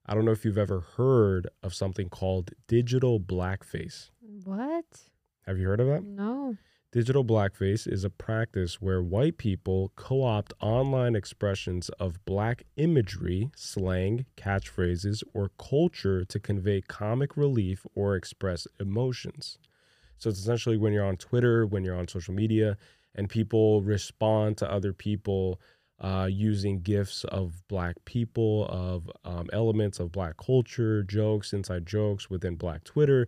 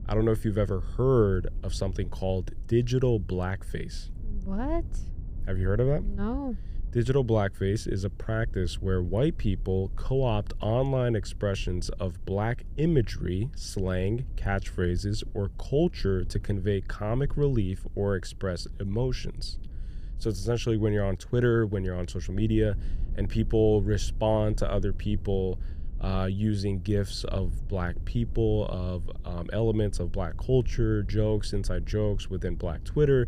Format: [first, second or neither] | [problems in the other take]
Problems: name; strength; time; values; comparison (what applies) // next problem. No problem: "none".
first | low rumble; faint; throughout; 25 dB below the speech